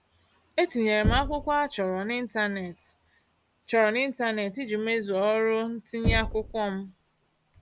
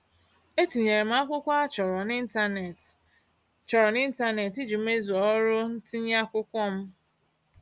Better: second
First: background sound (Knock); 8 dB below the speech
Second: none

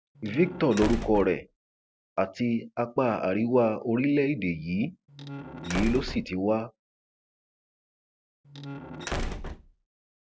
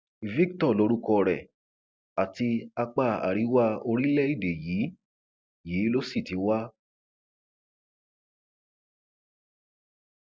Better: second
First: background sound (Slam); 7 dB below the speech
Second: none

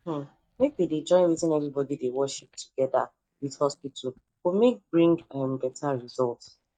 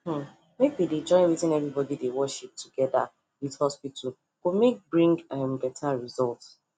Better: second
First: noise reduction (neural mask model DeepFilterNet 3)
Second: none

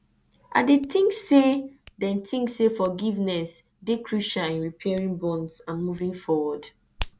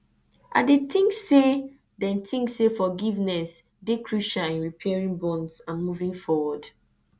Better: second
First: background sound (Hands); 20 dB below the speech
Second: none

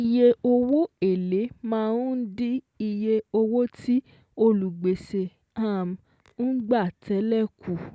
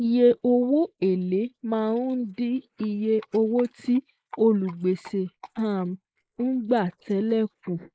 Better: first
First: none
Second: noise reduction (neural mask model Resemble Enhance denoiser)

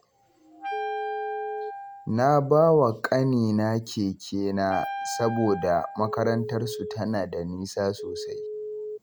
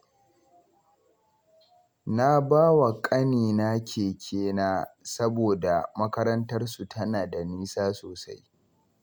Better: second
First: background sound (Wind instrument, woodwind instrument + Telephone); 8 dB below the speech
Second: none

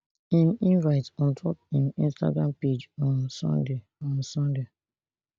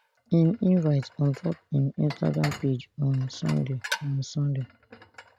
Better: first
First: none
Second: background sound (Dishes, pots, and pans); 16 dB below the speech

